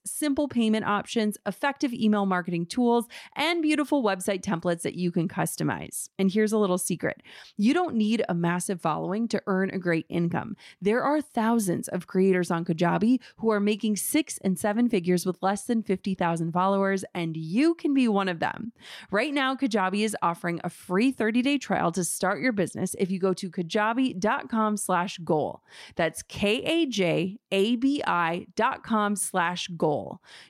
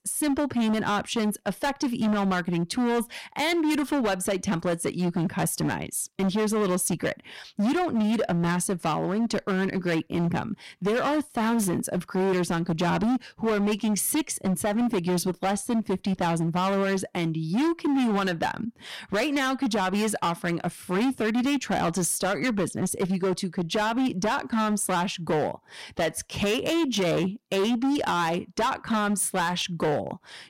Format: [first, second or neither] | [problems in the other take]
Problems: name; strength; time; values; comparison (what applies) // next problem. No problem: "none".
first | distortion; heavy; 20% of the sound clipped